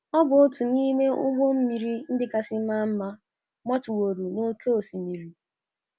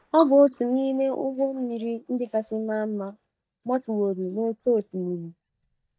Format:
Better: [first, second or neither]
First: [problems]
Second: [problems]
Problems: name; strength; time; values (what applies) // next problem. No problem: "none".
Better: first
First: none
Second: noise reduction (neural mask model DeepFilterNet 3)